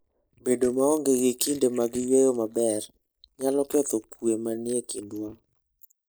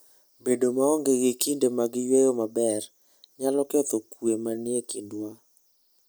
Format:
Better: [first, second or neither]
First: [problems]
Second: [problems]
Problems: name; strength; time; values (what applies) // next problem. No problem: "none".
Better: second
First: noise reduction (neural mask model Resemble Enhance denoiser)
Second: none